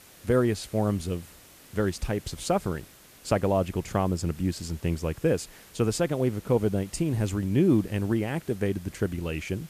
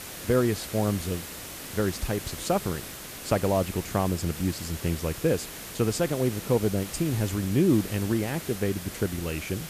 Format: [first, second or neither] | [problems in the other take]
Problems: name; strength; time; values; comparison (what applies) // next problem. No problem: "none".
first | hiss; loud; throughout; 10 dB below the speech; faint in the first